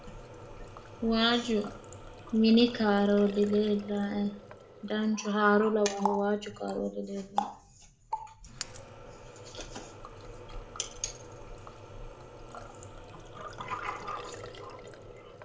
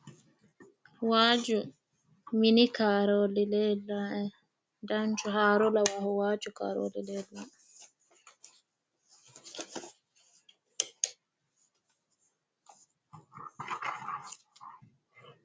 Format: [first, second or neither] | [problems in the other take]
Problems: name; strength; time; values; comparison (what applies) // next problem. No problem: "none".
second | background sound (Water tap, faucet); 12 dB below the speech // room echo; dies away in 0.6 s